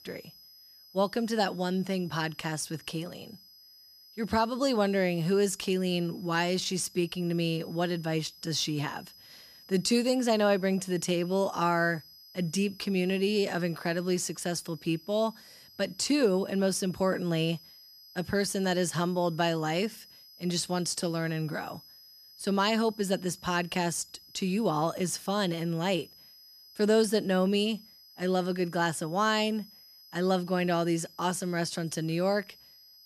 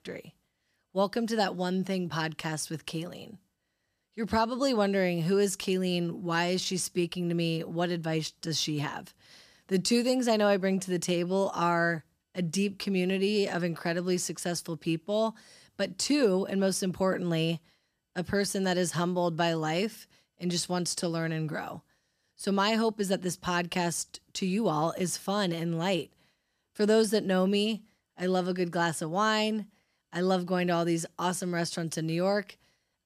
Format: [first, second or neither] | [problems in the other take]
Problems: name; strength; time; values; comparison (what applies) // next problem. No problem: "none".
second | high-pitched whine; faint; throughout; 5 kHz, 20 dB below the speech